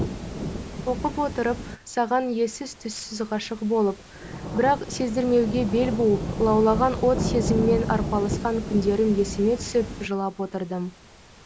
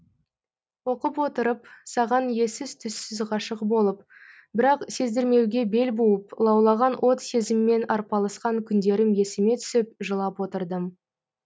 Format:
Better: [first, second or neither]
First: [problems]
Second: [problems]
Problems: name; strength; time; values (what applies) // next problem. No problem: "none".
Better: second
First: background sound (Rain / Thunderstorm); 7 dB below the speech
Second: none